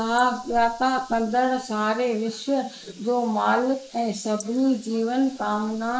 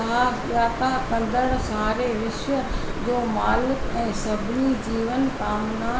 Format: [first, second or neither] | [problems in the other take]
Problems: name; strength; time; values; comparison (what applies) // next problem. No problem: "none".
second | noise reduction (neural mask model Resemble Enhance denoiser)